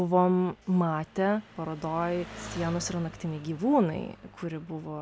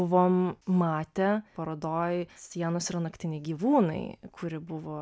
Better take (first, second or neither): second